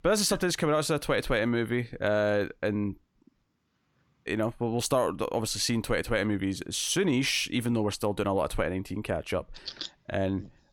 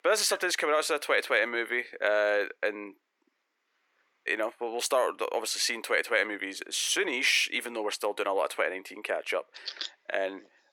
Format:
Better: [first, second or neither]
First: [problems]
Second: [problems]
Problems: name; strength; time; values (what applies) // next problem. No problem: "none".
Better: first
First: none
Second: thin; very; fading below 400 Hz